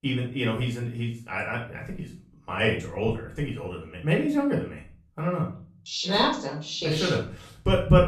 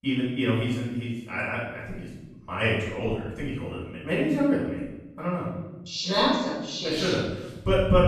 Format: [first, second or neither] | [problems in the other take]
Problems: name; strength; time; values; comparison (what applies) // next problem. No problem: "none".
first | room echo; strong; dies away in 0.9 s; slight in the first // off-mic speech; far; far in the first